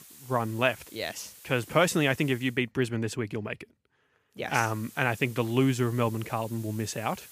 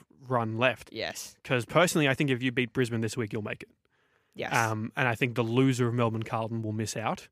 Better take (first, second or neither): second